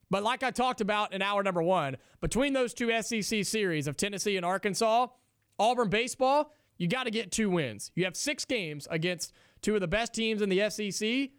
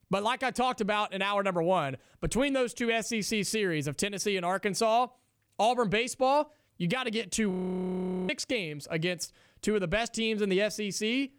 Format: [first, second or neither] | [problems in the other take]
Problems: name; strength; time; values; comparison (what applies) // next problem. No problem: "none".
first | audio freezing; at 7.5 s for 1 s